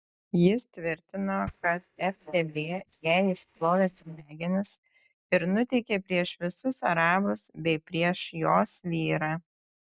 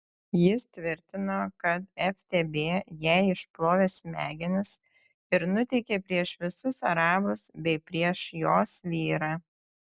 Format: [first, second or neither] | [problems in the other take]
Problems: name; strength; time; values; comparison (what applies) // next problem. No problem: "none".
second | noise reduction (neural mask model DeepFilterNet 3)